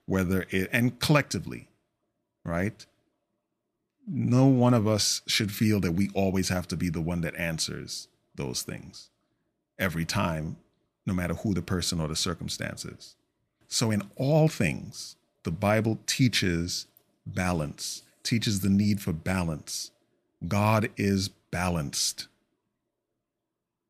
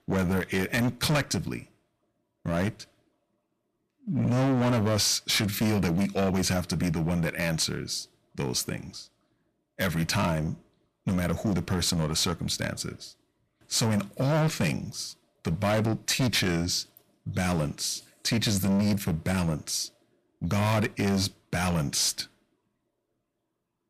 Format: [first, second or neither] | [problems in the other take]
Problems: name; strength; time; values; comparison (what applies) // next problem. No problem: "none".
first | distortion; heavy; 12% of the sound clipped